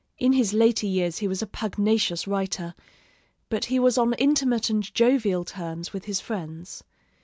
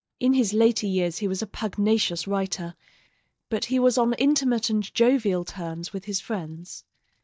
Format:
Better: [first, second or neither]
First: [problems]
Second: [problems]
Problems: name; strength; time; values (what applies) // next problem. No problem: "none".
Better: first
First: none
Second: noise reduction (neural mask model DeepFilterNet 3)